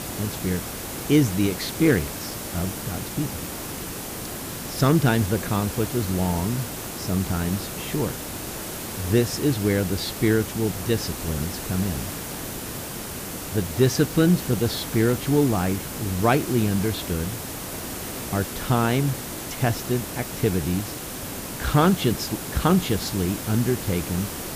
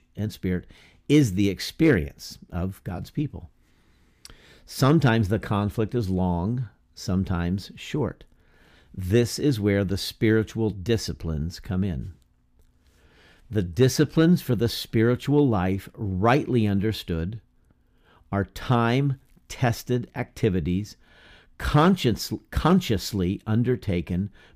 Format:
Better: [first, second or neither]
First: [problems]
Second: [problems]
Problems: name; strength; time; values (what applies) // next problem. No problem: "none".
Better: second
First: hiss; loud; throughout; 7 dB below the speech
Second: none